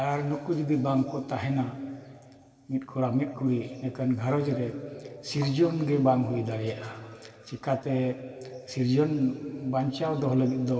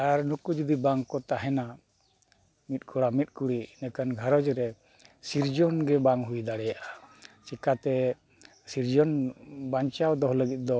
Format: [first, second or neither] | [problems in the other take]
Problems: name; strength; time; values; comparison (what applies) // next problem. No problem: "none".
second | room echo; dies away in 2.5 s